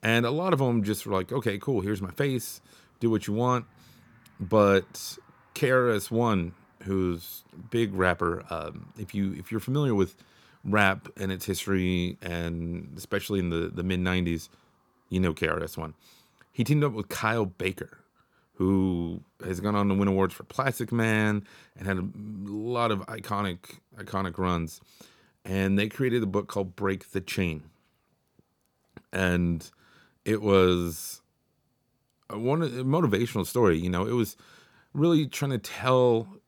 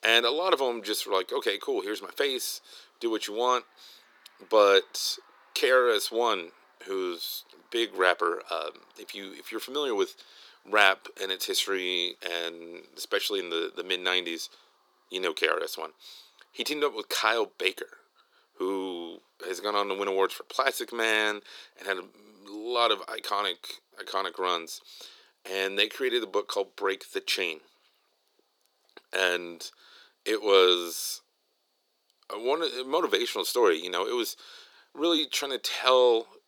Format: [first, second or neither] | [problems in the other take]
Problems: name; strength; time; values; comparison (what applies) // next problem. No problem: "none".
first | thin; very; fading below 350 Hz